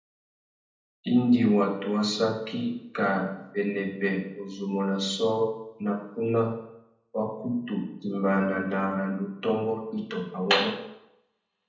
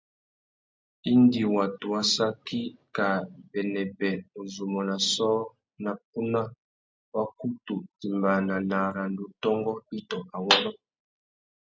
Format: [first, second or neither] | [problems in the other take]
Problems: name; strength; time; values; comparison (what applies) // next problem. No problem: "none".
second | room echo; dies away in 0.7 s